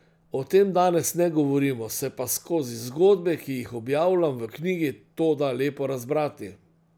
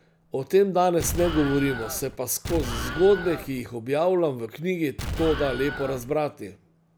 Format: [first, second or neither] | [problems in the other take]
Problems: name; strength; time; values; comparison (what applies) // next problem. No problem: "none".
first | background sound (Explosion); 7 dB below the speech